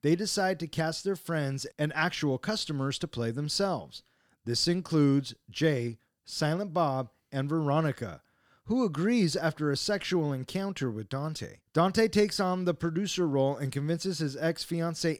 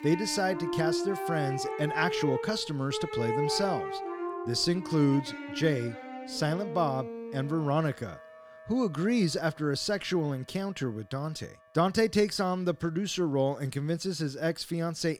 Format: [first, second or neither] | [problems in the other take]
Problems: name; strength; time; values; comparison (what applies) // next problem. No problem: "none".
first | background music; loud; throughout; 5 dB below the speech